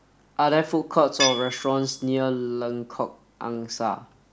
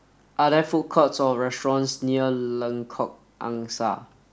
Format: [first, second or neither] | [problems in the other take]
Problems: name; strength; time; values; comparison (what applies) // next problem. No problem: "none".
second | background sound (Tools); 8 dB below the speech